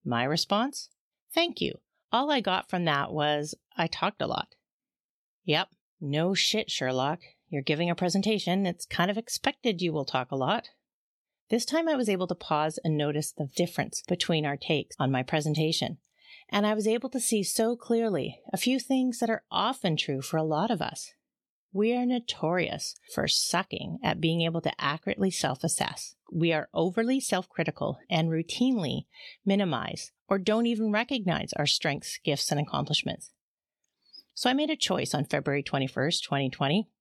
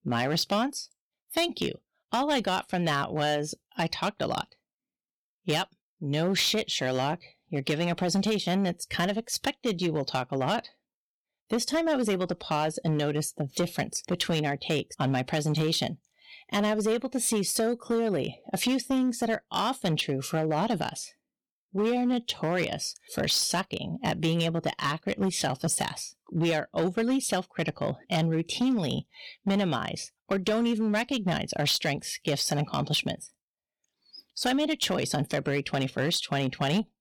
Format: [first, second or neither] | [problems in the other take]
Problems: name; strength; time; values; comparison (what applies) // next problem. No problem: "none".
first | distortion; slight; 7% of the sound clipped